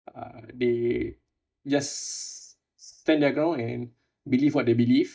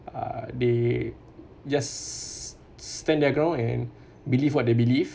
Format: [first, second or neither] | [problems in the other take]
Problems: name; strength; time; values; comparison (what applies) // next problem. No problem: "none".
second | noise reduction (neural mask model DeepFilterNet 3)